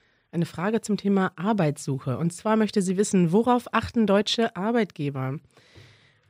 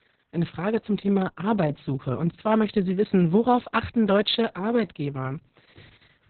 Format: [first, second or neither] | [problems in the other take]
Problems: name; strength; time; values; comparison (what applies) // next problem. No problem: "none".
first | garbled, watery; badly; nothing above 4 kHz